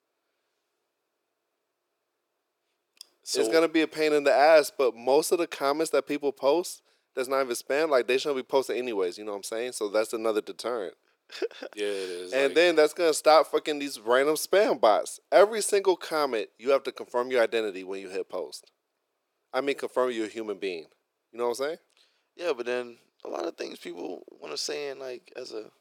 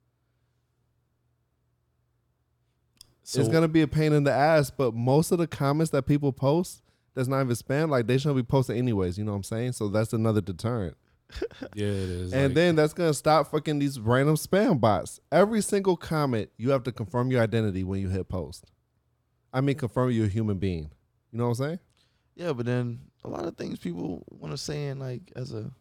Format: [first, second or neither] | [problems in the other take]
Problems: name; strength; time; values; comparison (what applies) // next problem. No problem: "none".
second | thin; very; fading below 400 Hz